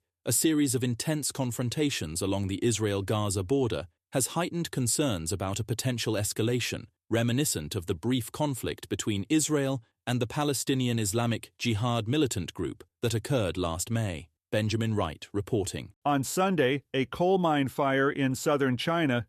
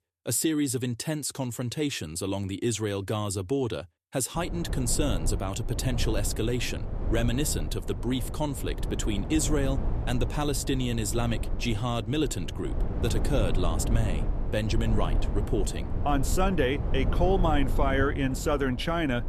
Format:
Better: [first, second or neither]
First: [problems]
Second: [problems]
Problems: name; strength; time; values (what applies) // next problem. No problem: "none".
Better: first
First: none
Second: low rumble; noticeable; from 4.5 s on; 10 dB below the speech